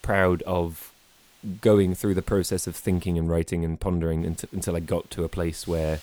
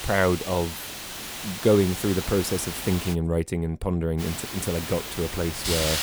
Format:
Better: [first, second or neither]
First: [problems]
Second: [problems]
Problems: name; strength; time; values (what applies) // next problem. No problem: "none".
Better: first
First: hiss; faint; until 3 s and from 4 s on; 30 dB below the speech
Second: hiss; loud; until 3 s and from 4 s on; 6 dB below the speech